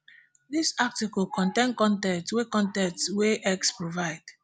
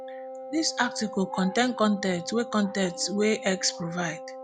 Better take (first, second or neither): first